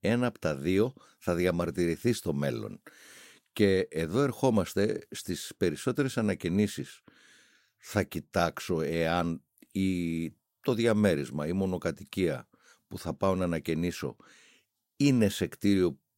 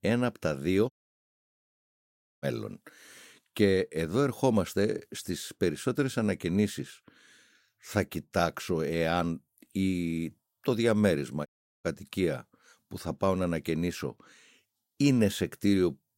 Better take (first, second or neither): first